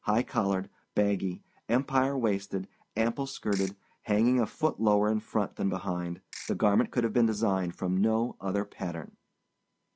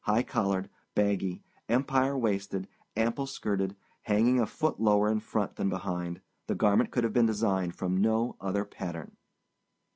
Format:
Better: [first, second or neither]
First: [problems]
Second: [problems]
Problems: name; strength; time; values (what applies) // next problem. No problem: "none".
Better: second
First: background sound (Ratchet, pawl / Percussion); 15 dB below the speech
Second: none